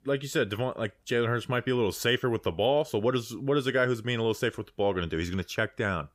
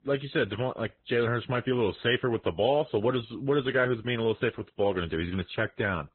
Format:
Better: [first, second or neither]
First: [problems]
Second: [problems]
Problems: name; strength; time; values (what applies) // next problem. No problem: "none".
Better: first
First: none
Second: garbled, watery; badly; nothing above 3.5 kHz